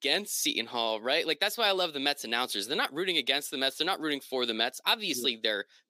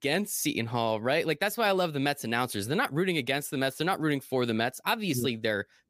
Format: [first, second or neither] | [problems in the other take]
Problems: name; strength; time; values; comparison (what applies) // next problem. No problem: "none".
second | thin; very slightly; fading below 300 Hz